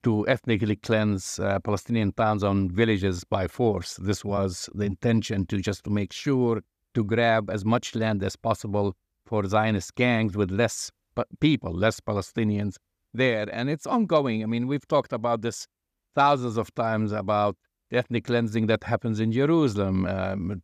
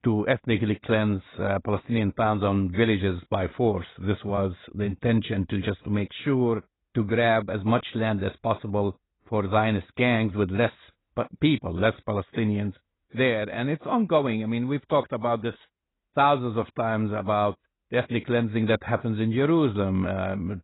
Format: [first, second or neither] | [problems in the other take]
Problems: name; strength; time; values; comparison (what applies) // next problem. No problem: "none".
first | garbled, watery; badly; nothing above 4 kHz